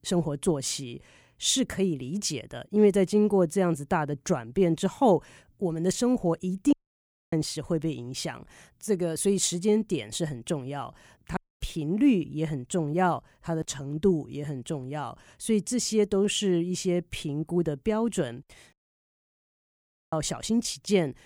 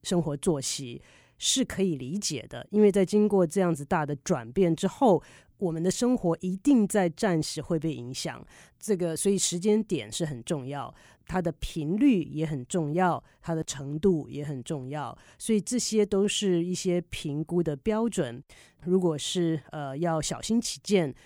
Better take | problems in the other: second | audio cutting out; at 6.5 s for 0.5 s, at 11 s and at 19 s for 1.5 s

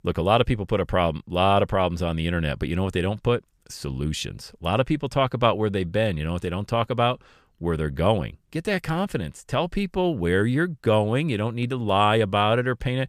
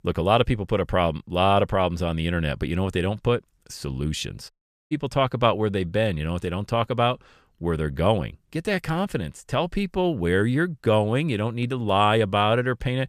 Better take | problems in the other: first | audio cutting out; at 4.5 s

